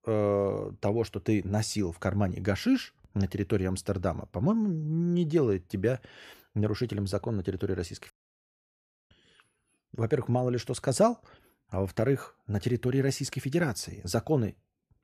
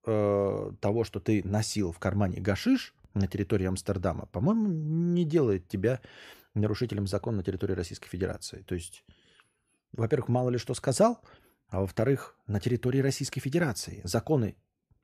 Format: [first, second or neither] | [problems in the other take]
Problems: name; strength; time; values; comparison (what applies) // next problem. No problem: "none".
second | audio cutting out; at 8 s for 1 s